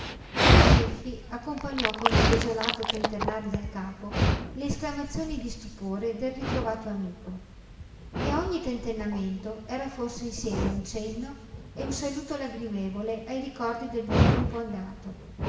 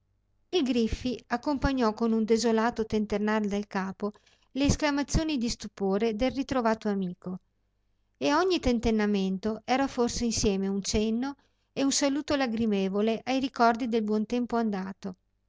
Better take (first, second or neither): second